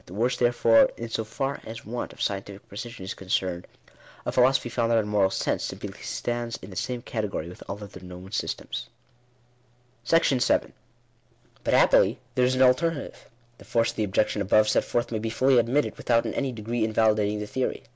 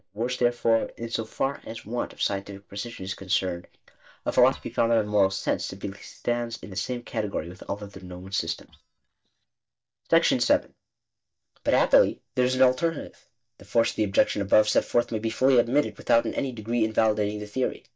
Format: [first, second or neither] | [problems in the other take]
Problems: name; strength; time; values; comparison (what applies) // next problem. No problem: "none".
first | noise reduction (neural mask model DeepFilterNet 3)